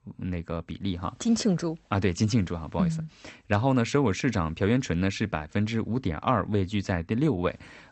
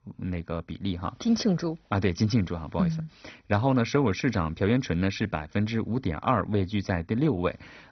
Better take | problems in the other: first | garbled, watery; badly; nothing above 6 kHz; slightly in the first

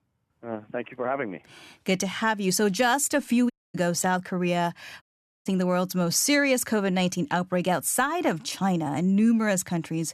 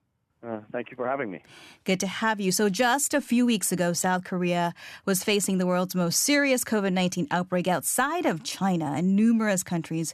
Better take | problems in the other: second | audio cutting out; at 3.5 s and at 5 s

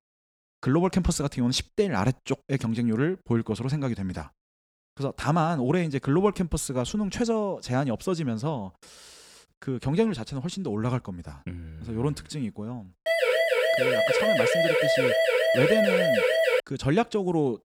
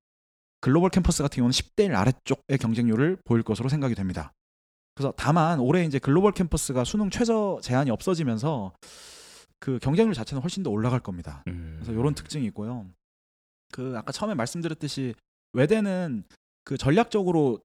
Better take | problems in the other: second | siren; loud; from 13 to 17 s; peak 5 dB above the speech

